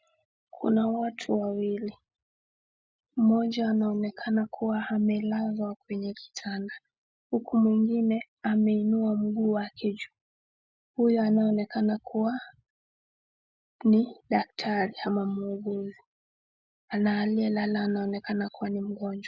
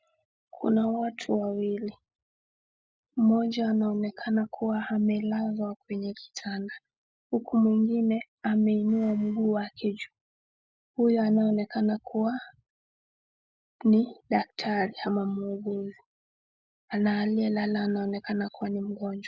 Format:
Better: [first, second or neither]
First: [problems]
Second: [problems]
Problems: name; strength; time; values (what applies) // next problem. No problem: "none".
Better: first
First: none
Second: noise reduction (neural separator model SepFormer DNS4)